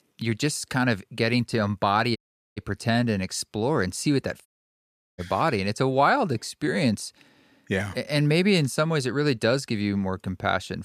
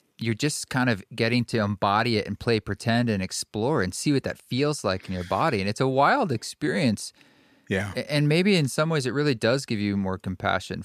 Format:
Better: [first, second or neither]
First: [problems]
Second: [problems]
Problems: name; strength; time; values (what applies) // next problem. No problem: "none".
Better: second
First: audio cutting out; at 2 s and at 4.5 s for 0.5 s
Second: none